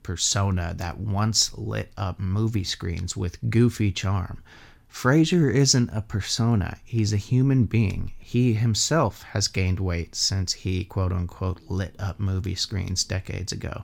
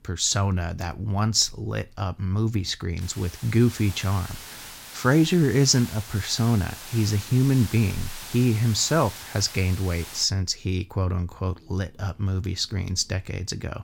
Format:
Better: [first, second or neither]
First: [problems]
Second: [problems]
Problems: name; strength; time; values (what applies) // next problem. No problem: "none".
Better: first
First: none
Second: hiss; noticeable; from 3 to 10 s; 15 dB below the speech